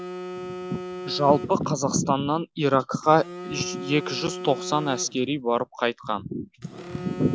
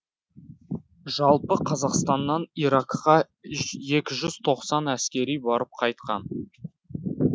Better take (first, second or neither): second